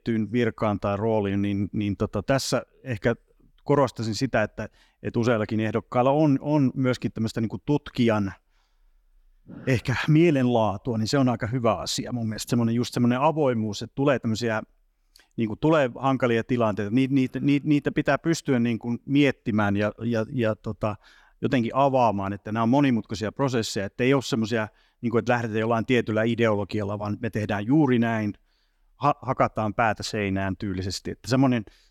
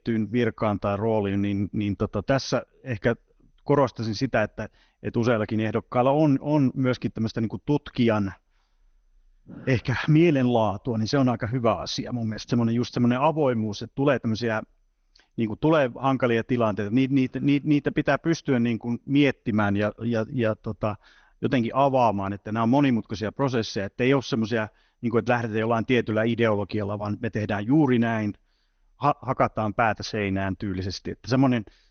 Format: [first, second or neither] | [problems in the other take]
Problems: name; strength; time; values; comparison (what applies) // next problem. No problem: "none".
first | garbled, watery; slightly; nothing above 6.5 kHz